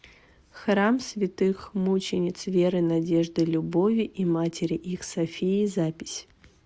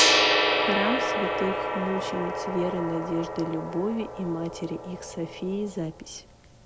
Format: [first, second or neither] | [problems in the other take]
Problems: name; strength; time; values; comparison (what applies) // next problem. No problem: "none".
first | background sound (Gong); 3 dB above the speech